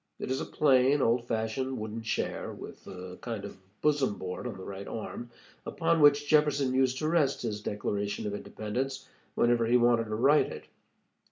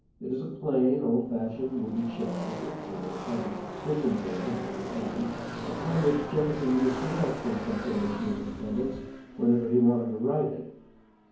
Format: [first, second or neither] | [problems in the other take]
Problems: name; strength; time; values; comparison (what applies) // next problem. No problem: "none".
first | background sound (Car passing by / Race car, auto racing); 10 dB below the speech // room echo; dies away in 0.9 s